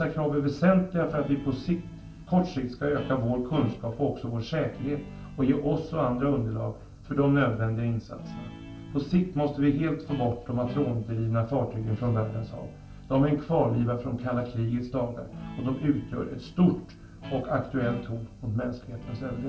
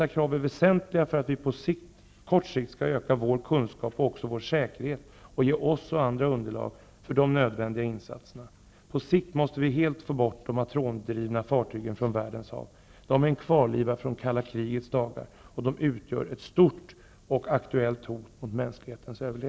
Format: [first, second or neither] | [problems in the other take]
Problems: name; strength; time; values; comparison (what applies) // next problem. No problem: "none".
second | background sound (Guitar); 16 dB below the speech // room echo; dies away in 0.3 s